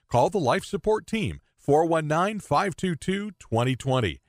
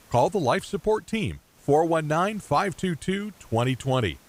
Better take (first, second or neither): first